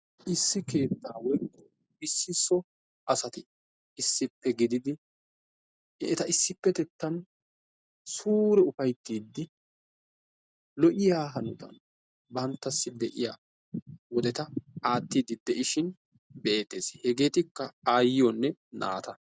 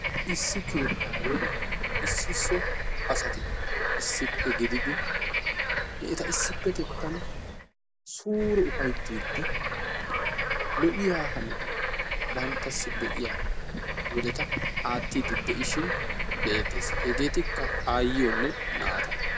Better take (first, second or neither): first